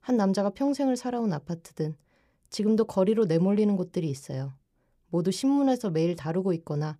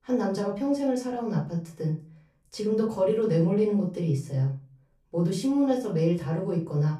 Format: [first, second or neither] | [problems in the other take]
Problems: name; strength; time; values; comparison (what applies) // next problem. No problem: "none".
first | off-mic speech; far // room echo; slight; dies away in 0.3 s